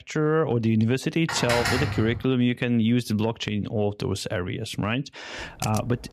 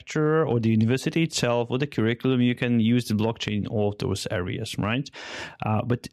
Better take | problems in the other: second | clattering dishes; loud; at 1.5 s; peak level with the speech // keyboard typing; noticeable; at 5.5 s; peak 10 dB below the speech

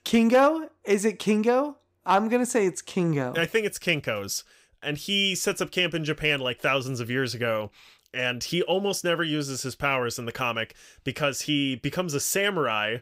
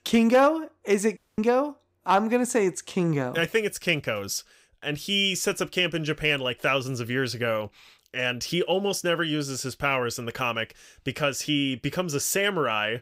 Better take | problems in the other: first | audio cutting out; at 1 s

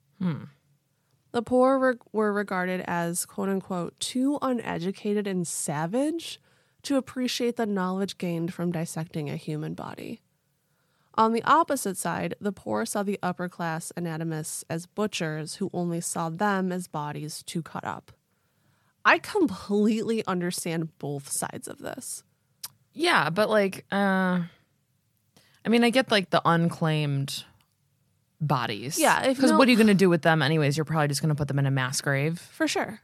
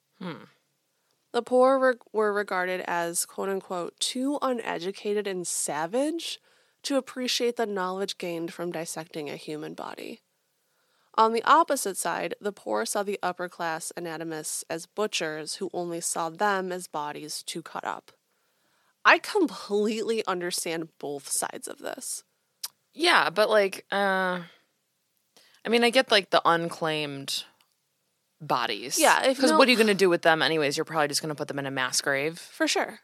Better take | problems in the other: first | thin; somewhat; fading below 400 Hz

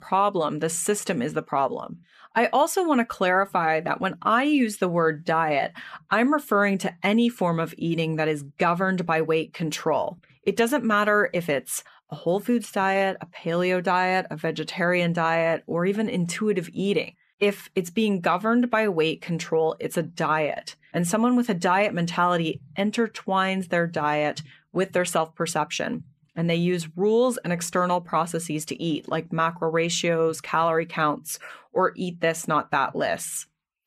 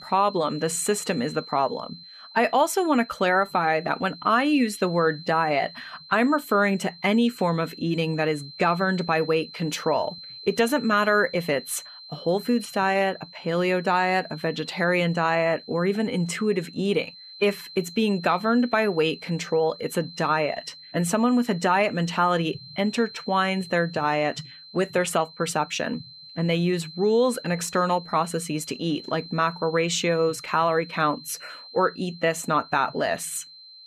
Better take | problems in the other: first | high-pitched whine; noticeable; throughout; 4 kHz, 15 dB below the speech

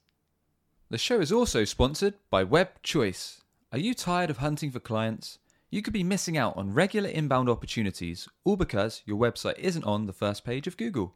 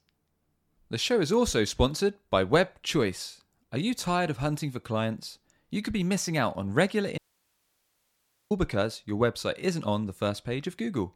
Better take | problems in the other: first | audio cutting out; at 7 s for 1.5 s

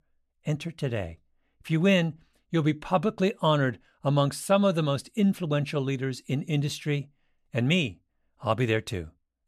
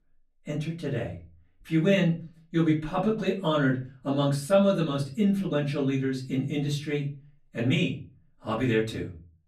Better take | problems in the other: first | off-mic speech; far // room echo; very slight; dies away in 0.3 s

